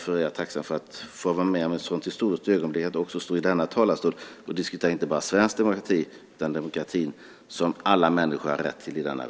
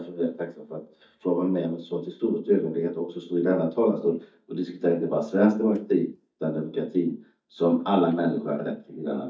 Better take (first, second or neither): first